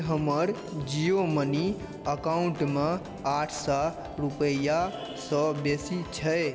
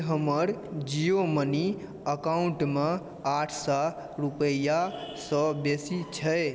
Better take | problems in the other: second | background sound (Organ); 16 dB below the speech

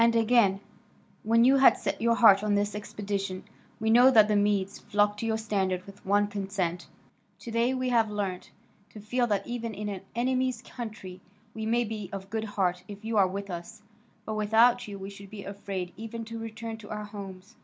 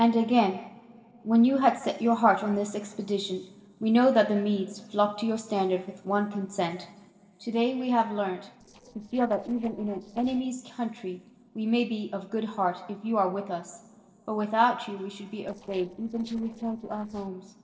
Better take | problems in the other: first | noise reduction (neural separator model SepFormer DNS4)

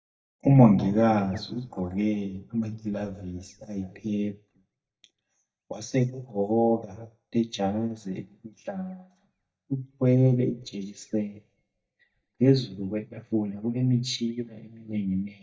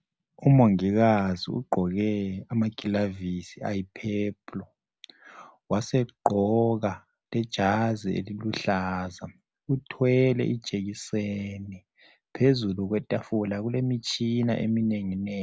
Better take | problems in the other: second | noise reduction (neural mask model DeepFilterNet 3)

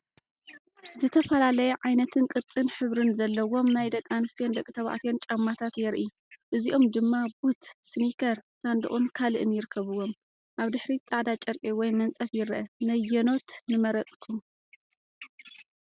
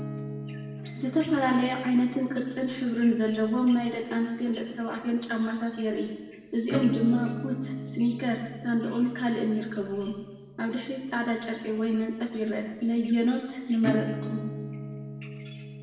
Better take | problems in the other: first | background sound (Acoustic guitar / Strum); 10 dB below the speech // room echo; dies away in 1.1 s

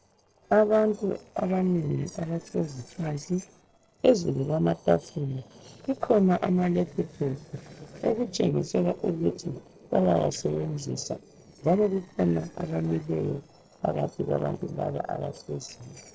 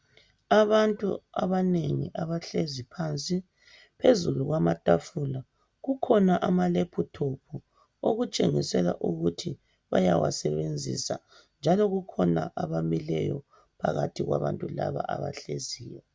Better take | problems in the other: second | noise reduction (neural separator model SepFormer DNS4)

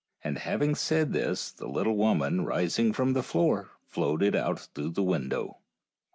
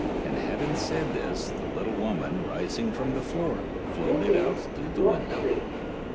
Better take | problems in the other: first | background sound (Subway, metro, underground); 3 dB above the speech

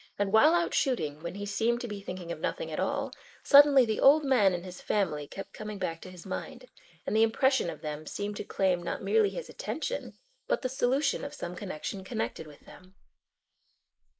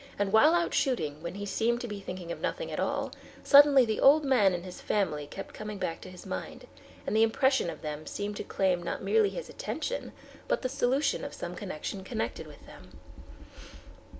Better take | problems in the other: second | noise reduction (neural mask model Resemble Enhance denoiser)

